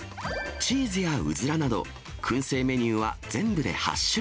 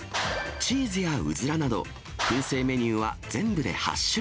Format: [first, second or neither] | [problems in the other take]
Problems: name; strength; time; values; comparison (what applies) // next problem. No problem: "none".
first | background sound (Clapping); 10 dB below the speech